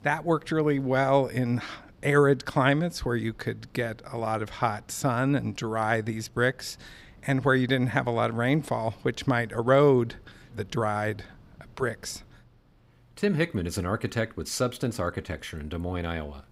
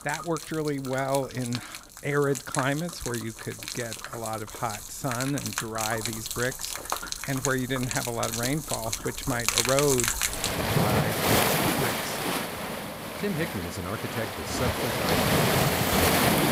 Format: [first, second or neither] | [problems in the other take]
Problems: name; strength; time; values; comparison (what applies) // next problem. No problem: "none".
first | rain or running water; very loud; throughout; 3 dB above the speech